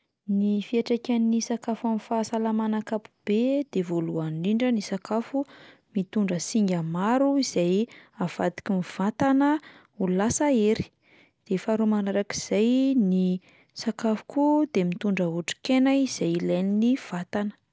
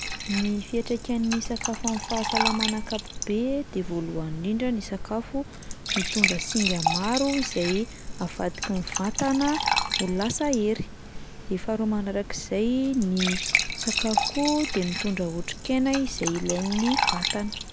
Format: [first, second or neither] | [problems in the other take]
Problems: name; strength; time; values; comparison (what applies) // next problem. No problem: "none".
first | background sound (Fill (with liquid) / Trickle, dribble / Glass); 3 dB below the speech